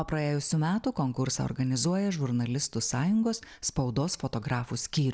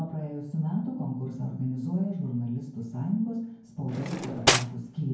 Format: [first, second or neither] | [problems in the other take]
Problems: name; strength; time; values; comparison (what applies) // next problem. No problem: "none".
first | background sound (Cutlery, silverware); 3 dB above the speech // room echo; dies away in 0.9 s